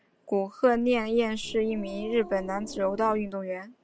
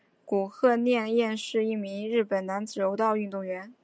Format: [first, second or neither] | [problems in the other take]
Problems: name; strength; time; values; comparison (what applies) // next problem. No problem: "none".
second | background sound (Growling); 15 dB below the speech